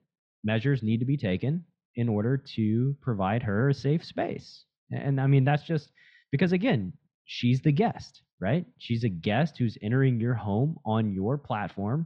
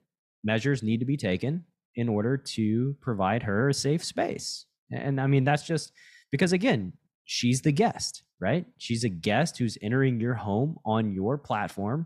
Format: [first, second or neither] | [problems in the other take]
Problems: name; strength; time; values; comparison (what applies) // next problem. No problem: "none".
second | muffled; slightly; fading above 3.5 kHz